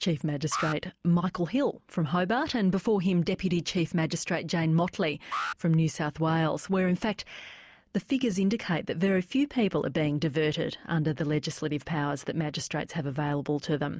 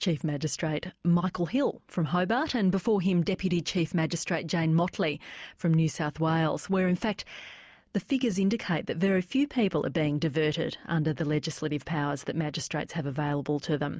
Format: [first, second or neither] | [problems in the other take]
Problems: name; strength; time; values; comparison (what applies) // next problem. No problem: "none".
second | noise reduction (neural mask model Resemble Enhance denoiser)